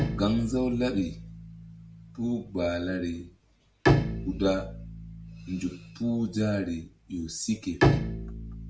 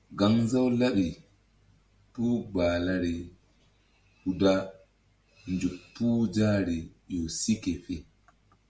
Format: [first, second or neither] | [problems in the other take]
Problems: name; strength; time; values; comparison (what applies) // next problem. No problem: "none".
second | background sound (Bowed string instrument); 1 dB below the speech